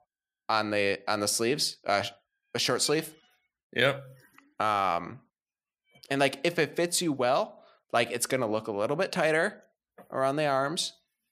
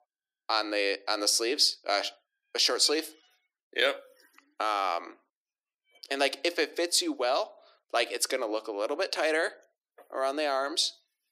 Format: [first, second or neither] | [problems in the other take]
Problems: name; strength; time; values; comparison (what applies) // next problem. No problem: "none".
first | thin; somewhat; fading below 300 Hz